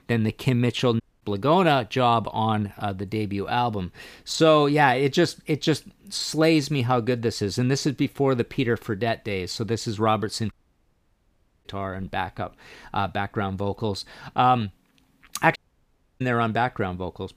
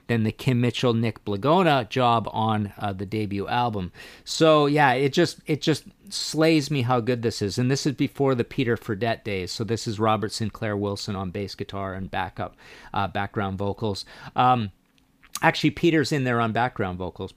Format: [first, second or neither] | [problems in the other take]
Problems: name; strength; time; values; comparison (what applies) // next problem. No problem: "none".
second | audio cutting out; at 1 s, at 11 s for 1 s and at 16 s for 0.5 s